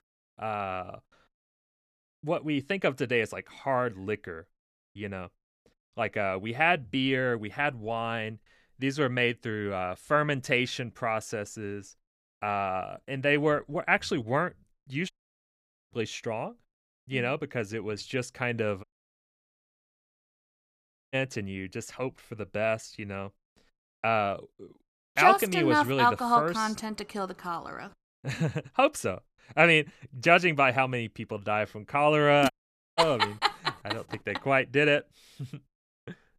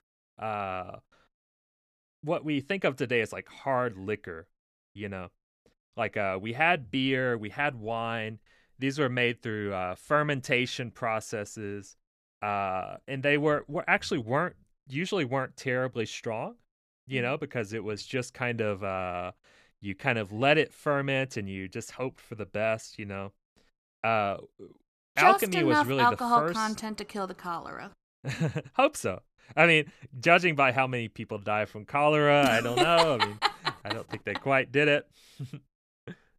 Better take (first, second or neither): second